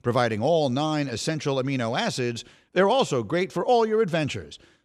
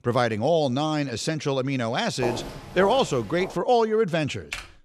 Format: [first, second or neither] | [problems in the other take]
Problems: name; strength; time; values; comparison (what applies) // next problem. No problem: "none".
first | footsteps; noticeable; from 2 to 3.5 s; peak 7 dB below the speech // keyboard typing; very faint; at 4.5 s; peak 10 dB below the speech